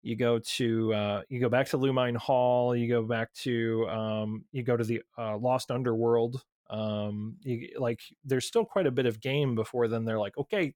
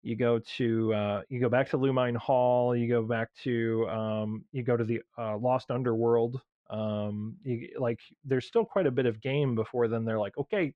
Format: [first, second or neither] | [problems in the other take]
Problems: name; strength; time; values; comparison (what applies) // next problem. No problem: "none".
first | muffled; slightly; fading above 2.5 kHz